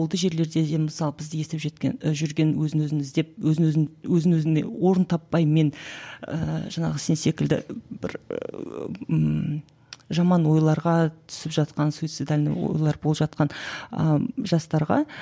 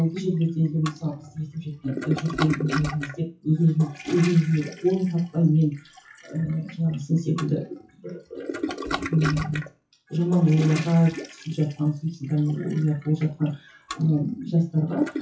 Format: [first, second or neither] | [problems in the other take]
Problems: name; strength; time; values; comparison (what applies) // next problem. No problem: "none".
first | noise reduction (classical method WPE with log-MMSE)